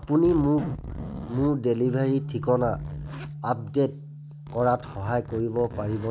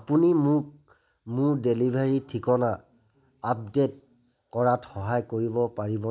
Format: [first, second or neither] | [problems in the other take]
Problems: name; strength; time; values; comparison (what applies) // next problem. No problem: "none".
second | background sound (Bass guitar + Zipper (clothing)); 10 dB below the speech